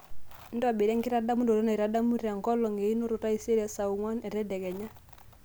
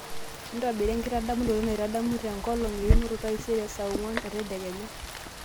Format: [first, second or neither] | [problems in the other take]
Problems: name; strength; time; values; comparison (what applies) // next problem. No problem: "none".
first | background sound (Rain); 2 dB below the speech